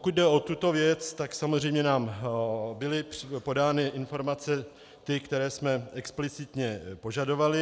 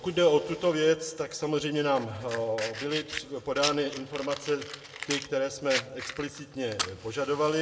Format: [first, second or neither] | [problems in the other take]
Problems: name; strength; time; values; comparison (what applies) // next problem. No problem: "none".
first | background sound (Fire); 10 dB below the speech // room echo; dies away in 0.8 s